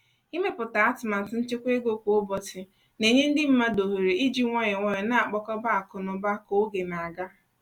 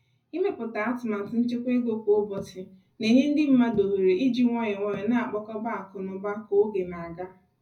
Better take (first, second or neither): first